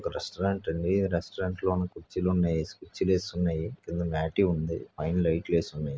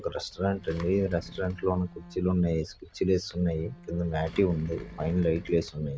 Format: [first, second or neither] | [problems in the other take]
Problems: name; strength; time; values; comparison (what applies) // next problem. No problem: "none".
first | background sound (Bowed string instrument + Engine); 18 dB below the speech